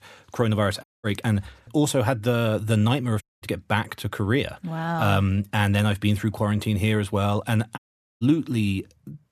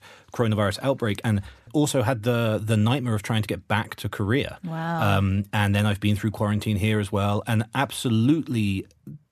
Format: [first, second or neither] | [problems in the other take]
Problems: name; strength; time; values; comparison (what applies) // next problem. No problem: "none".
second | audio cutting out; at 1 s, at 3 s and at 8 s